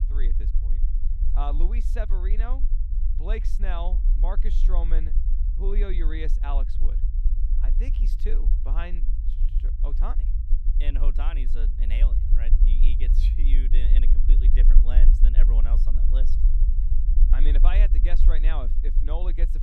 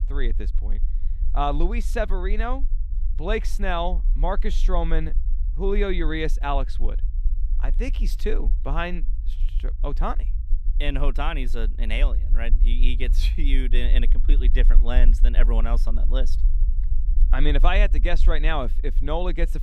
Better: second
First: low rumble; loud; throughout; 8 dB below the speech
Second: low rumble; faint; throughout; 20 dB below the speech

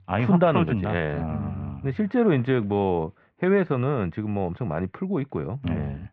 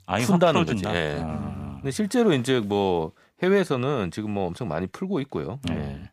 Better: second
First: muffled; very; fading above 2.5 kHz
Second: none

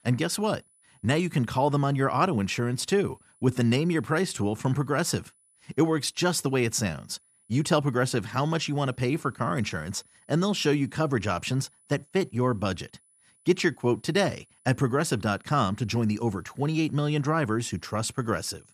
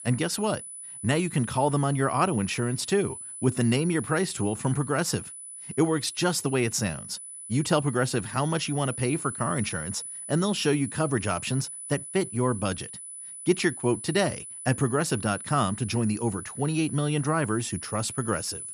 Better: first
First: high-pitched whine; faint; throughout; 10 kHz, 35 dB below the speech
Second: high-pitched whine; loud; throughout; 10 kHz, 10 dB below the speech

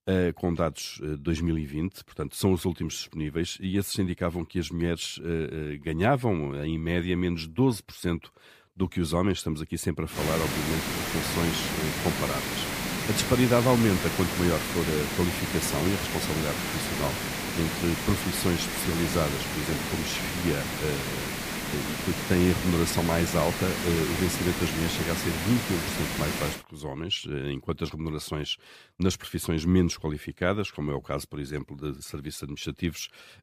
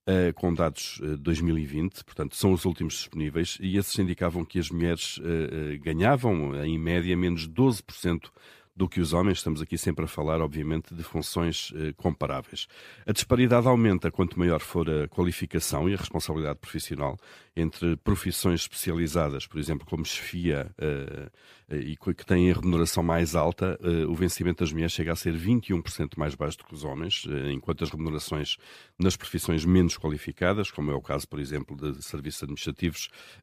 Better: second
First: hiss; loud; from 10 to 27 s; 1 dB below the speech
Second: none

